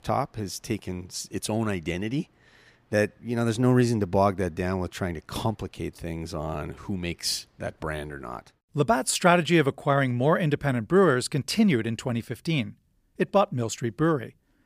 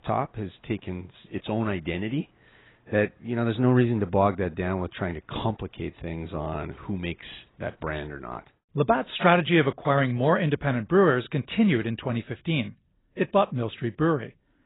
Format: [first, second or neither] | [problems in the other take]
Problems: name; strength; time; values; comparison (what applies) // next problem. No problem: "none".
first | garbled, watery; badly; nothing above 4 kHz